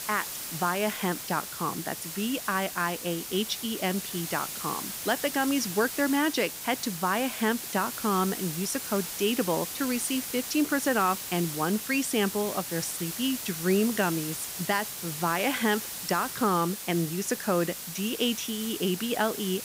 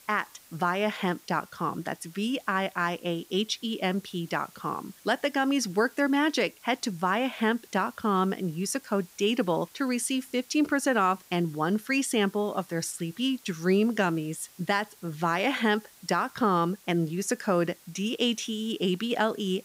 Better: second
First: hiss; loud; throughout; 6 dB below the speech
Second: hiss; faint; throughout; 25 dB below the speech

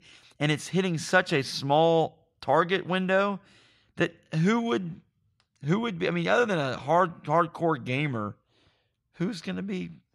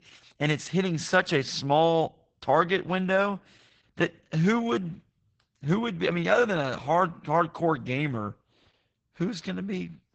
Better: first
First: none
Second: garbled, watery; badly; nothing above 8 kHz

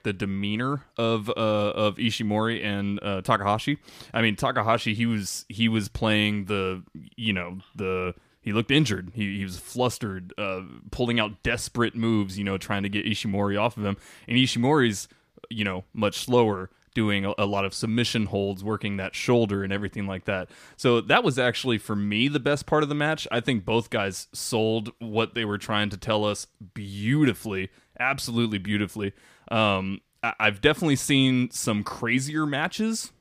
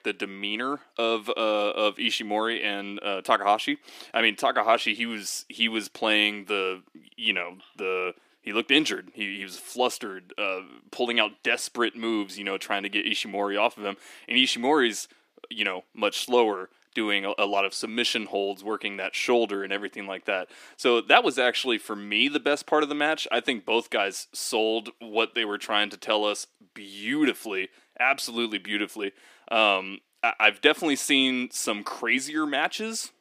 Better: first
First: none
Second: thin; somewhat; fading below 300 Hz

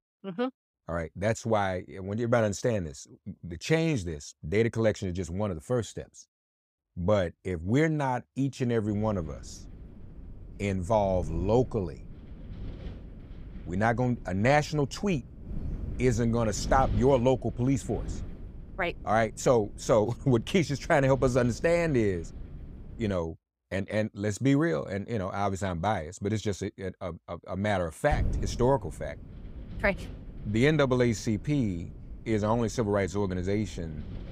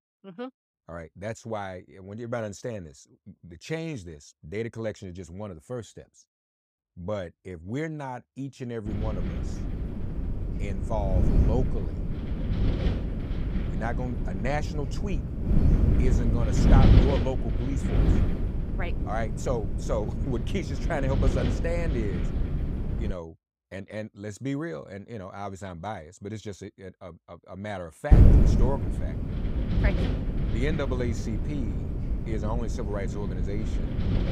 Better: first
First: wind noise on the microphone; occasional gusts; from 9 to 23 s and from 28 s on; 20 dB below the speech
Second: wind noise on the microphone; heavy; from 9 to 23 s and from 28 s on; 2 dB below the speech

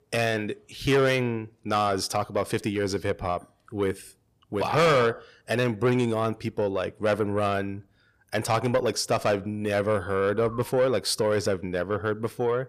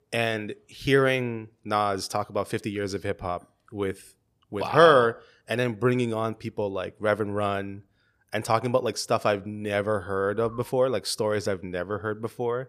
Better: second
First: distortion; heavy; 8 dB below the speech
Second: none

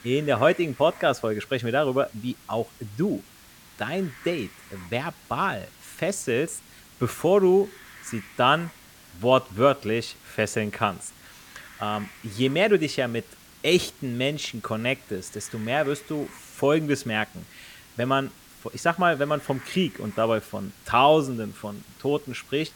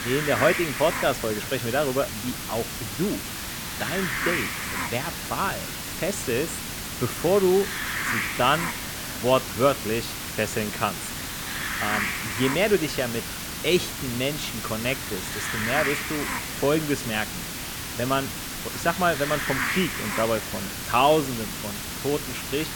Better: first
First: hiss; faint; throughout; 20 dB below the speech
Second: hiss; loud; throughout; 3 dB below the speech

